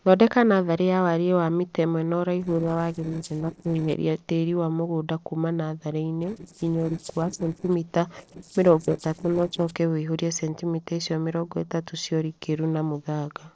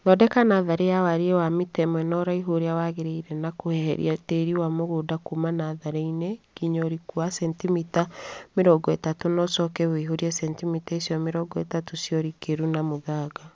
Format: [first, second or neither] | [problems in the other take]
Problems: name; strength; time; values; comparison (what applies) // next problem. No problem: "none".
second | noise reduction (neural separator model SepFormer DNS4)